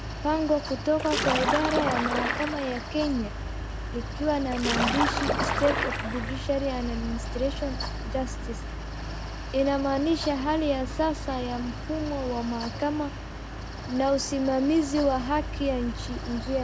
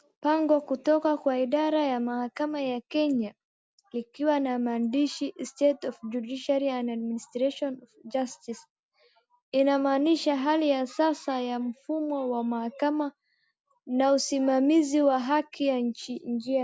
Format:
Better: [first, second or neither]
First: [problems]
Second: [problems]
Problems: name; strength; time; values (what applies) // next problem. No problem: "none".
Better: second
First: background sound (Mechanical fan + Splash, splatter); 3 dB below the speech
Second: none